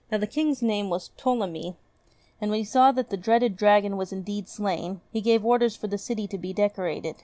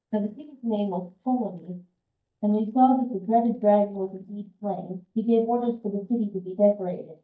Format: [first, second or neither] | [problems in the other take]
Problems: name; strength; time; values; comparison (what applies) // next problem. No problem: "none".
first | noise reduction (neural mask model DeepFilterNet 3)